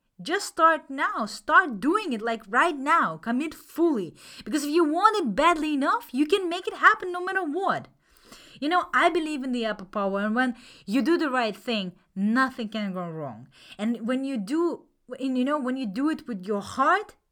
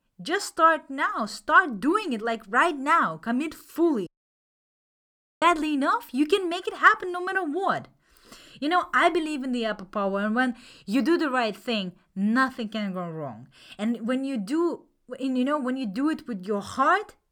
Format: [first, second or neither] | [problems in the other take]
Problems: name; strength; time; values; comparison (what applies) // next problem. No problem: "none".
first | audio cutting out; at 4 s for 1.5 s